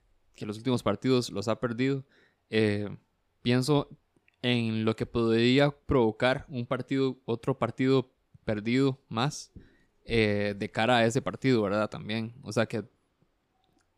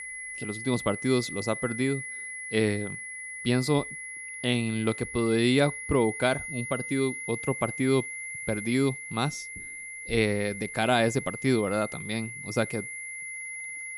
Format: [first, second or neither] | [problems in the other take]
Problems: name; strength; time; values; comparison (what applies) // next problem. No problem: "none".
first | high-pitched whine; loud; throughout; 2 kHz, 8 dB below the speech